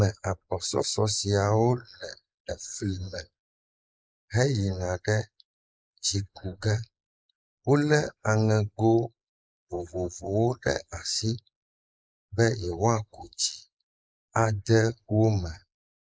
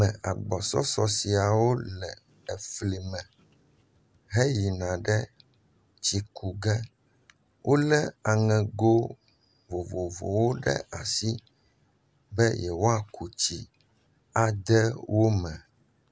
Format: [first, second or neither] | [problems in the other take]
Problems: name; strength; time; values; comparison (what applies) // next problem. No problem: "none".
second | noise reduction (neural mask model Resemble Enhance denoiser)